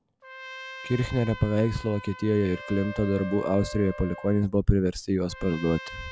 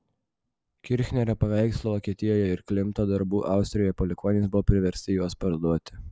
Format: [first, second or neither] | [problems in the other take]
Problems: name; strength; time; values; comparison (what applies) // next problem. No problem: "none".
second | background sound (Wind instrument, woodwind instrument + Trumpet); 15 dB below the speech